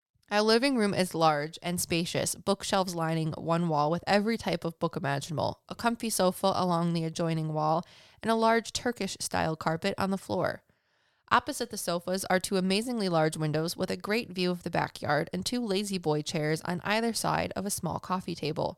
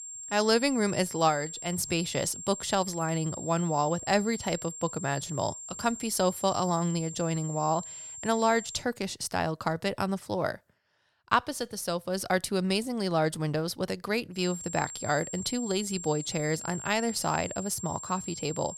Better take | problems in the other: first | high-pitched whine; loud; until 9 s and from 14 s on; 7.5 kHz, 9 dB below the speech

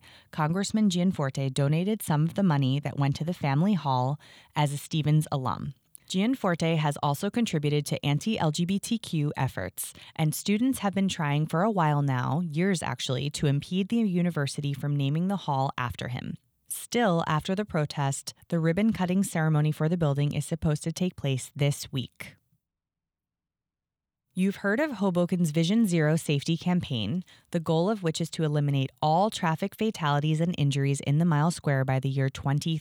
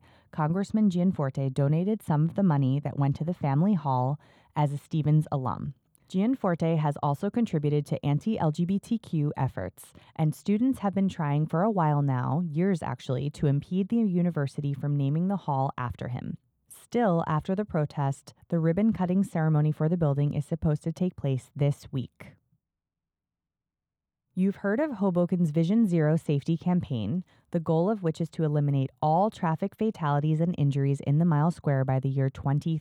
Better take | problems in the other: first | muffled; slightly; fading above 2 kHz

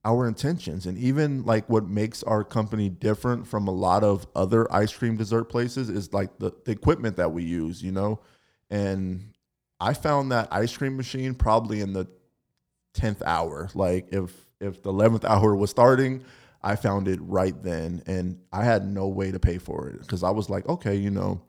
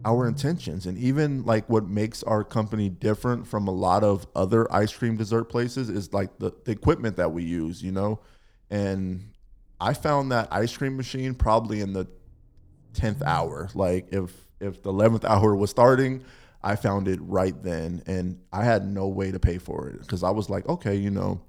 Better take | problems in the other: first | low rumble; faint; throughout; 20 dB below the speech

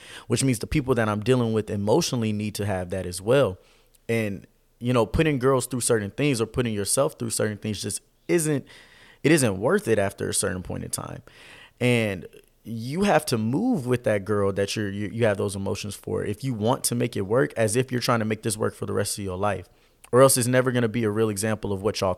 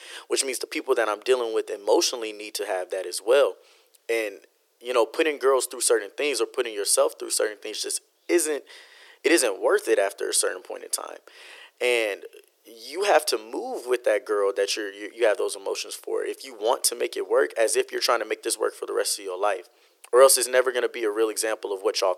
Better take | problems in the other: first | thin; very; fading below 350 Hz

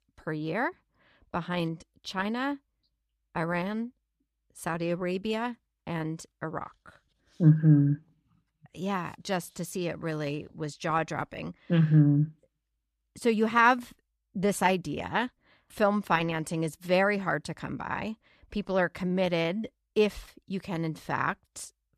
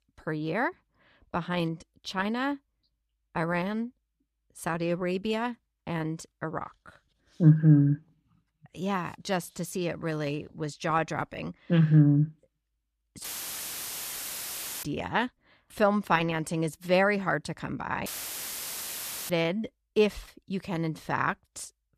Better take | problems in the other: first | audio cutting out; filled with static; at 13 s for 1.5 s and at 18 s for 1 s

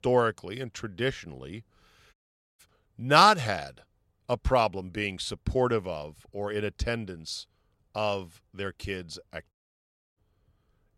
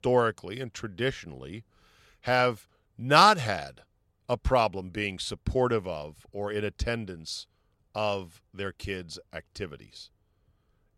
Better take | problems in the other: second | audio cutting out; at 2 s and at 9.5 s for 0.5 s

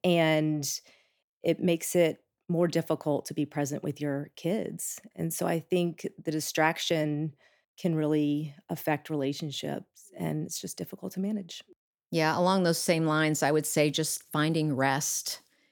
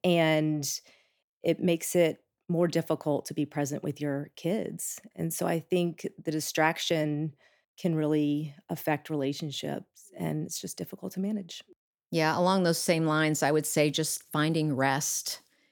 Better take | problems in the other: neither | none

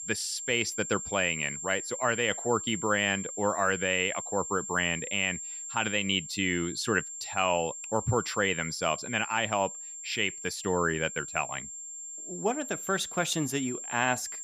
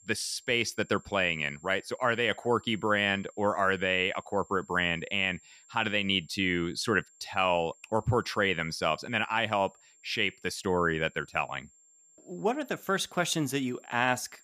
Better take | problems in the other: second | high-pitched whine; loud; throughout; 7.5 kHz, 7 dB below the speech; faint in the second

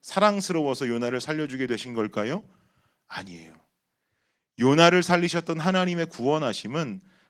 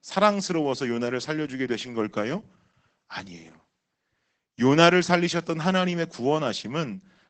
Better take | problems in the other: first | garbled, watery; badly; nothing above 8 kHz; slightly in the first

